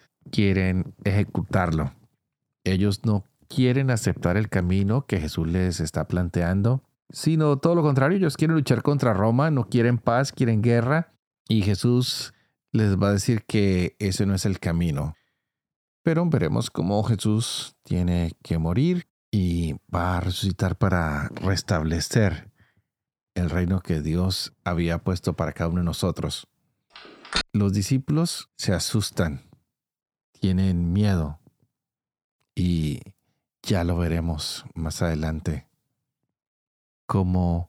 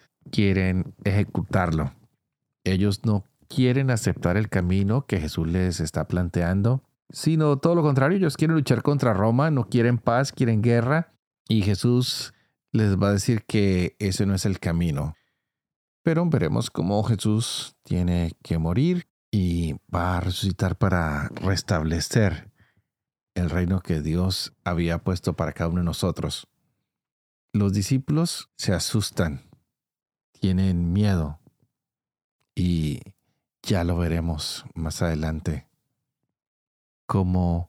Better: second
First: phone ringing; noticeable; at 27 s; peak 3 dB below the speech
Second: none

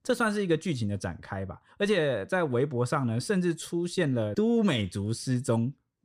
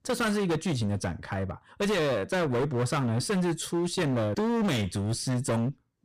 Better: first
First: none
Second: distortion; heavy; 26% of the sound clipped

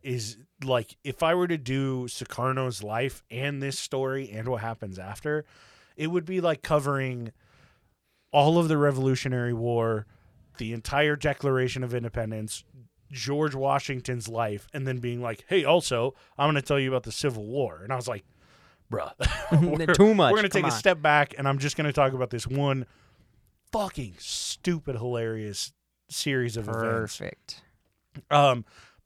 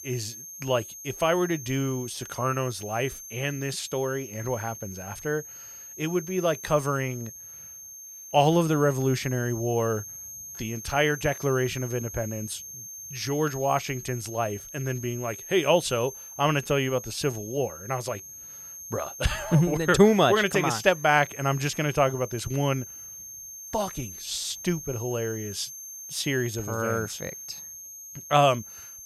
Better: first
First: none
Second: high-pitched whine; noticeable; throughout; 6.5 kHz, 10 dB below the speech

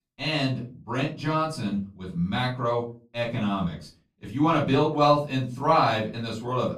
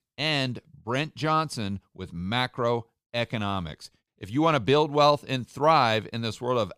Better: second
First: off-mic speech; far // room echo; slight; dies away in 0.3 s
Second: none

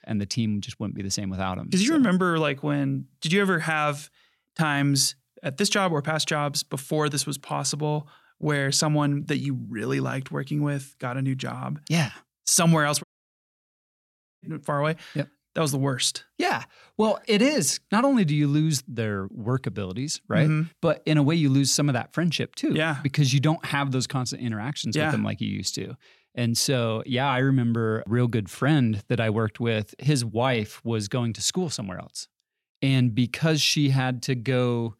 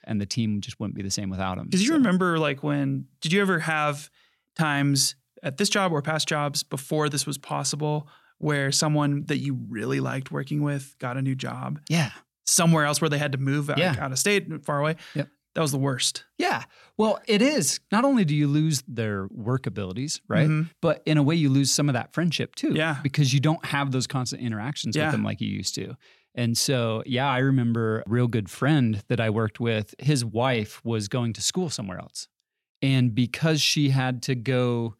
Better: second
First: audio cutting out; at 13 s for 1.5 s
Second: none

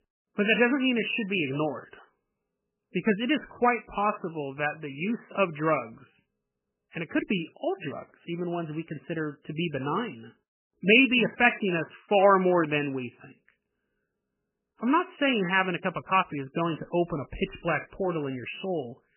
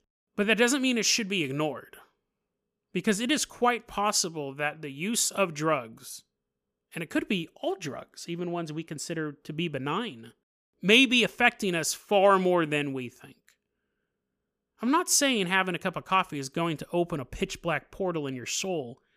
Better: second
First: garbled, watery; badly; nothing above 3 kHz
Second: none

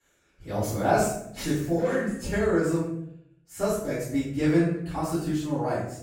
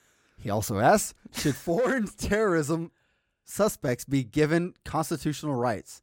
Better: second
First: room echo; noticeable; dies away in 0.6 s // off-mic speech; far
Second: none

